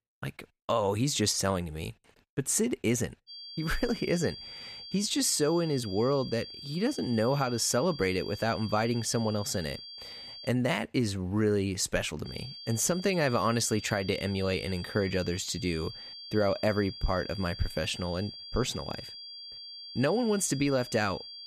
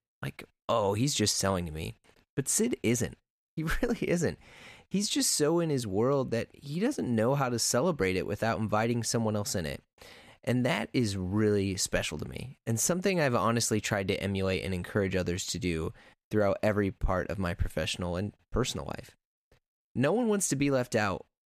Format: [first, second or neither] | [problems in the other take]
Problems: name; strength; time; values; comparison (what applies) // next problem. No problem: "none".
second | high-pitched whine; noticeable; from 3.5 to 10 s and from 12 s on; 4.5 kHz, 10 dB below the speech